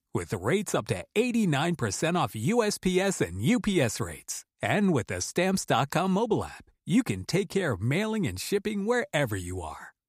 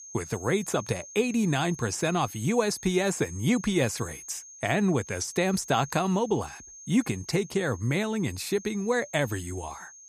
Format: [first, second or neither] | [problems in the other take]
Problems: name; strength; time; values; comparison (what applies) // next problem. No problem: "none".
first | high-pitched whine; noticeable; throughout; 6.5 kHz, 15 dB below the speech